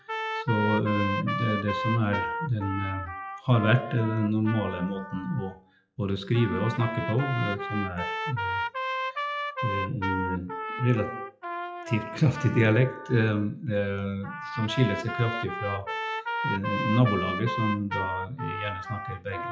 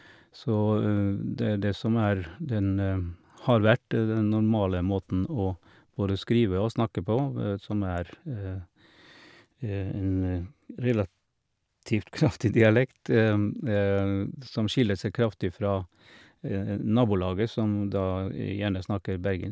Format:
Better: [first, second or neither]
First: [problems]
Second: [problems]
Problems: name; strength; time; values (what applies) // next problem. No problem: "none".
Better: second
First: noise reduction (classical method WPE with log-MMSE)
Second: none